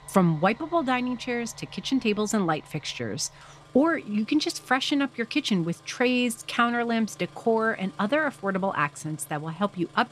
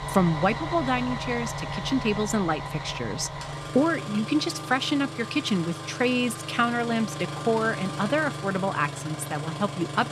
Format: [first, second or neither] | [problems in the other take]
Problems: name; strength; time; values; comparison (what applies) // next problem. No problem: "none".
first | traffic noise; loud; throughout; 7 dB below the speech; faint in the first